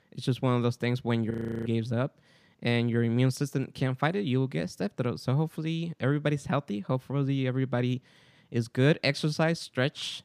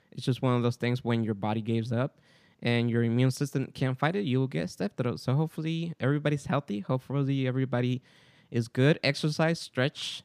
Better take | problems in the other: second | audio freezing; at 1.5 s

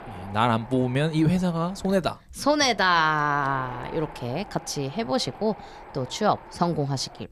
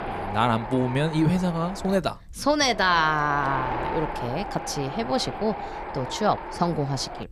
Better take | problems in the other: first | wind noise on the microphone; heavy; 7 dB below the speech; occasional gusts in the first

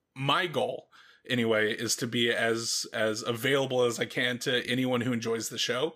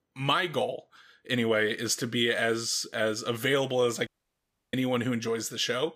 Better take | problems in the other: first | audio cutting out; at 4 s for 0.5 s

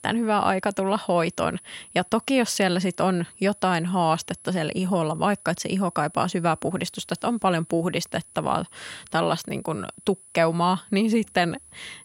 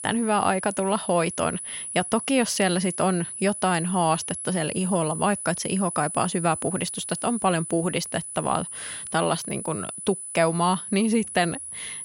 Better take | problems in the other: first | high-pitched whine; loud; throughout; 10 kHz, 7 dB below the speech; faint in the first

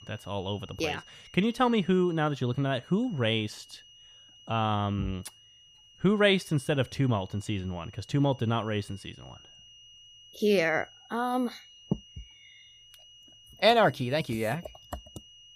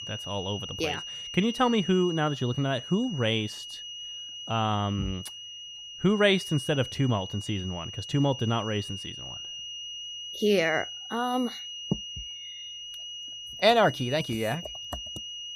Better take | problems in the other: first | high-pitched whine; loud; throughout; 3 kHz, 9 dB below the speech; faint in the first

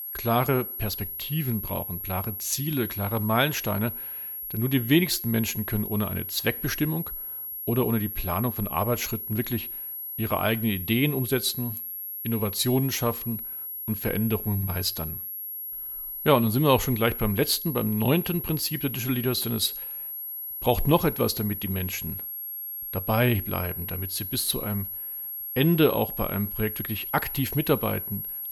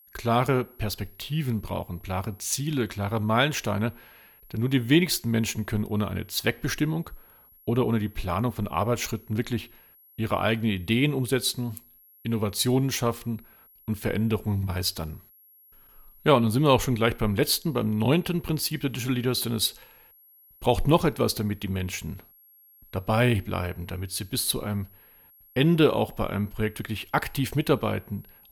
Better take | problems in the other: second | high-pitched whine; loud; throughout; 11.5 kHz, 6 dB below the speech; faint in the second

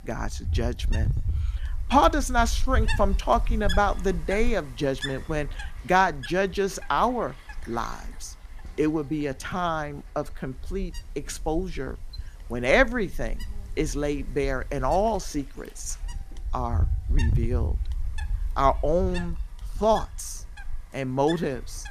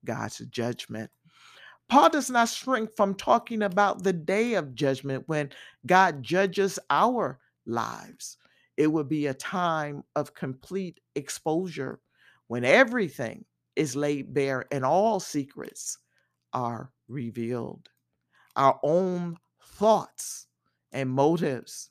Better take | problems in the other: second | wind noise on the microphone; occasional gusts; 15 dB below the speech

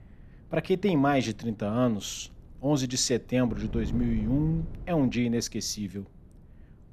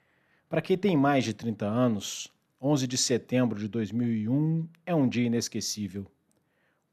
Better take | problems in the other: second | wind noise on the microphone; occasional gusts; 20 dB below the speech

